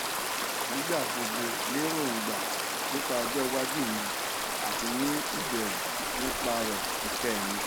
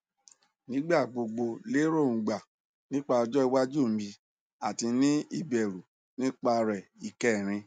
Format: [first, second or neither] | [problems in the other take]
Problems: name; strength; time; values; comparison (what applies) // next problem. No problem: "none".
second | background sound (Stream); 3 dB above the speech